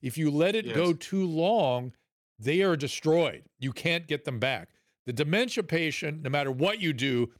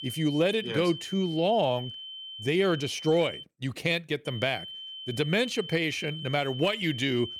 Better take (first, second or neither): first